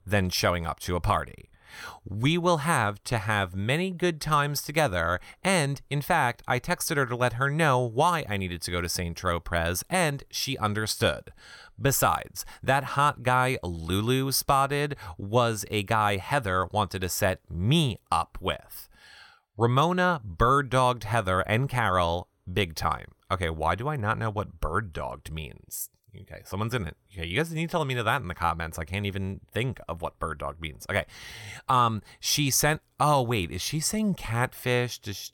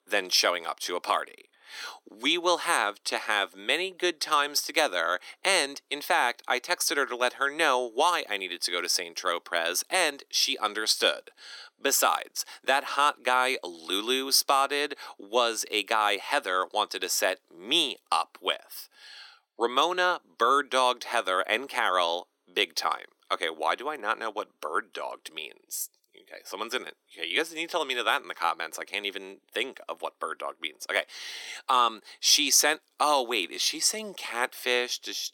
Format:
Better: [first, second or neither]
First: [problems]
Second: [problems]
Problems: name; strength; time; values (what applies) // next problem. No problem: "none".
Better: first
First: none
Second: thin; very; fading below 300 Hz